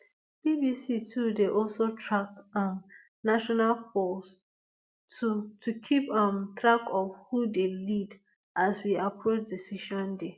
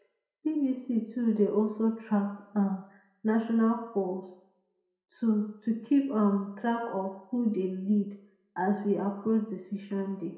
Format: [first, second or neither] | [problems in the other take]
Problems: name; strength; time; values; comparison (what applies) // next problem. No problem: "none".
first | room echo; dies away in 0.5 s